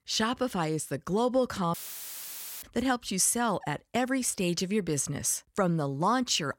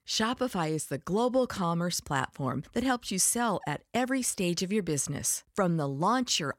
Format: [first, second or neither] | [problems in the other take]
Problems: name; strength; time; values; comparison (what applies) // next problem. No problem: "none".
second | audio cutting out; filled with static; at 1.5 s for 1 s